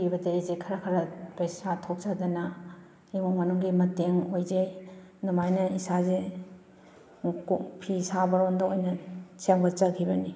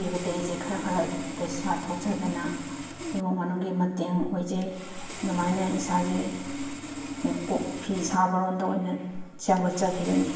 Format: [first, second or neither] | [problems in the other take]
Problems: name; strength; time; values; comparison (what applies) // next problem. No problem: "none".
first | background sound (Sawing); 8 dB below the speech // room echo; dies away in 0.8 s